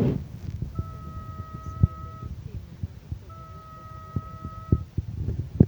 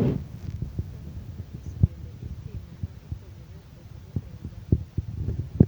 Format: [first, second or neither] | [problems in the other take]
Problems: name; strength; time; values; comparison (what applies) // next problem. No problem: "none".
second | background sound (Wind instrument, woodwind instrument); 18 dB below the speech